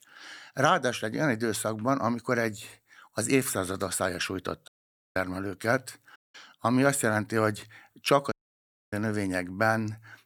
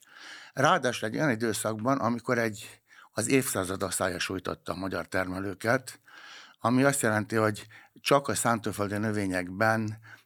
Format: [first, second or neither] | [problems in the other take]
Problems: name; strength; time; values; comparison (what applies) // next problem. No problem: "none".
second | audio cutting out; at 4.5 s, at 6 s and at 8.5 s for 0.5 s